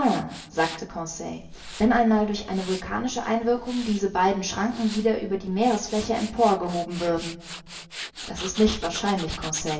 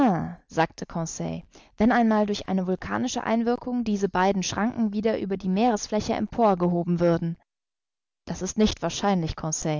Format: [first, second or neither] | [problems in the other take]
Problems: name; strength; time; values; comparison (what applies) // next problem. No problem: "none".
second | background sound (Tools); 15 dB below the speech // room echo; dies away in 0.9 s